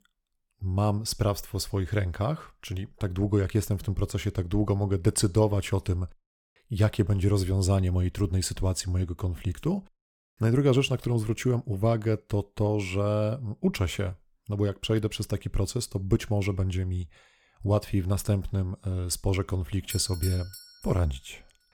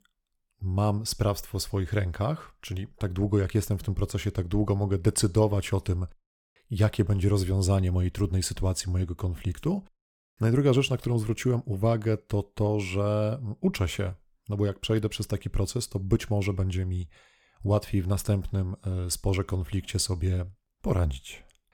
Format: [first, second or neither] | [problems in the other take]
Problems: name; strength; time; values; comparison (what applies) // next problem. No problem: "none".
second | doorbell; noticeable; at 20 s; peak 8 dB below the speech